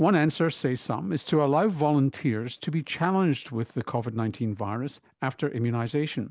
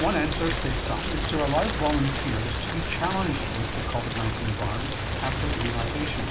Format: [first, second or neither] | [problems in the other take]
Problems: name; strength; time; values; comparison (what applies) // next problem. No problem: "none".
first | background sound (Rain); as loud as the speech // room echo; dies away in 0.2 s